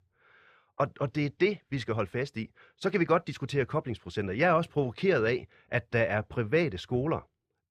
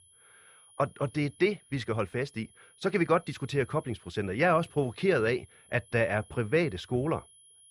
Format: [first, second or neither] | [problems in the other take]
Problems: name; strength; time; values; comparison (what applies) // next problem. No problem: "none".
first | high-pitched whine; faint; throughout; 10.5 kHz, 25 dB below the speech